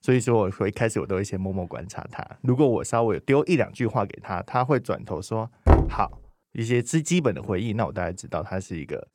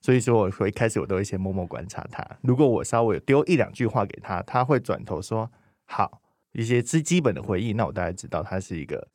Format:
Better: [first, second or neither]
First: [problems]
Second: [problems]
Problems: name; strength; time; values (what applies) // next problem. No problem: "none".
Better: second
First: door banging; loud; at 5.5 s; peak 5 dB above the speech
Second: none